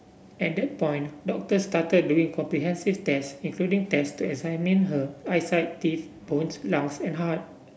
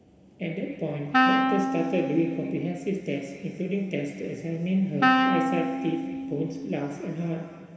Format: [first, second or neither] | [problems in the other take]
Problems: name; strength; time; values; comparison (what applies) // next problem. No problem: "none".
first | background sound (Wind instrument, woodwind instrument); 2 dB above the speech // room echo; dies away in 2.2 s